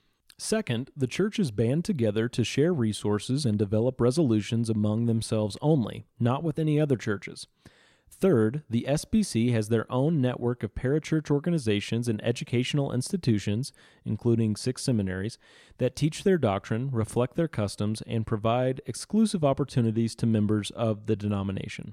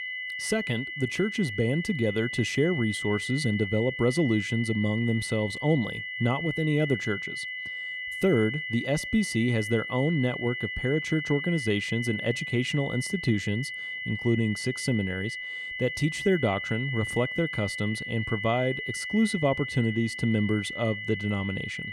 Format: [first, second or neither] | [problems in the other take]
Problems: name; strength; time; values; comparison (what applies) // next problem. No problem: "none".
first | high-pitched whine; loud; throughout; 2 kHz, 5 dB below the speech